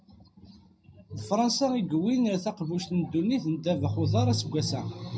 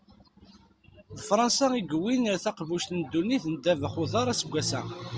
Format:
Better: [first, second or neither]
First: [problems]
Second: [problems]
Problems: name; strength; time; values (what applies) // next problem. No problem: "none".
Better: second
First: room echo; dies away in 0.4 s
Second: none